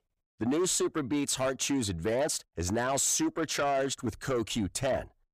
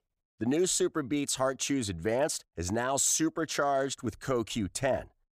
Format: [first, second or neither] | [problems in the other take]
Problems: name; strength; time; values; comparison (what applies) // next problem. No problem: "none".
second | distortion; slight; 10 dB below the speech